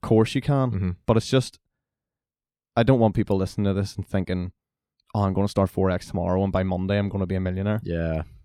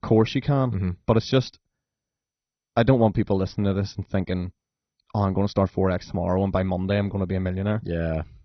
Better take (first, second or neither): first